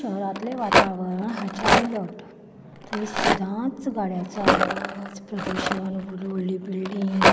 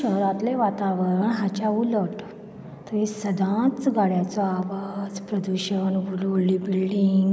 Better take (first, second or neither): second